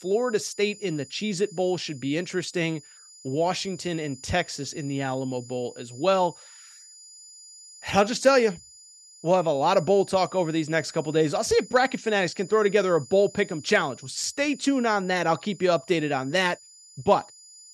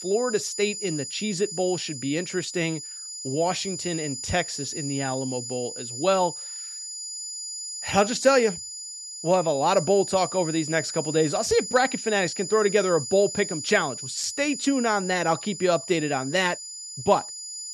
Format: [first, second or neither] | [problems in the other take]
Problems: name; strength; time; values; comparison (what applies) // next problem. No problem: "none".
first | high-pitched whine; loud; throughout; 7 kHz, 8 dB below the speech; faint in the first